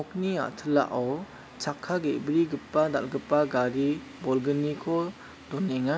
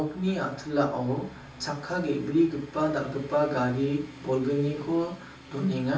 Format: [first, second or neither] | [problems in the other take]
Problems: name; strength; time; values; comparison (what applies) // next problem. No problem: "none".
first | room echo; dies away in 0.3 s